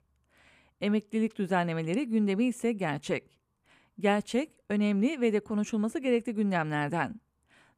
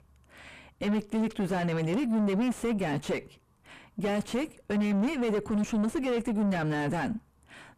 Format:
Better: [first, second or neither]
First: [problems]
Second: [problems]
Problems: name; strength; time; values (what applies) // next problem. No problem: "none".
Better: first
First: none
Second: distortion; heavy; 4 dB below the speech